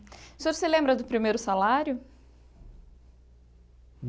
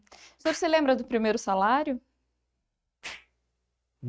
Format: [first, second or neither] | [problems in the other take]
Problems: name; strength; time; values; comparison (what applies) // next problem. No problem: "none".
first | noise reduction (neural mask model RNNoise)